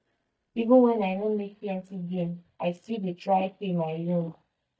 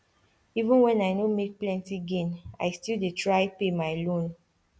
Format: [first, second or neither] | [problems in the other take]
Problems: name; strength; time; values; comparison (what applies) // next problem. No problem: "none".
second | noise reduction (neural mask model DeepFilterNet 3)